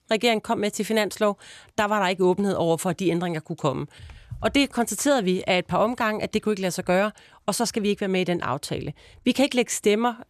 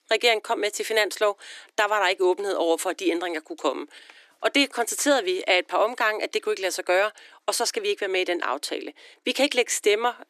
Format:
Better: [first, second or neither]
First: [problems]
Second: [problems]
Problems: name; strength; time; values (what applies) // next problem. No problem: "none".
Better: first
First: none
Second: thin; somewhat; fading below 300 Hz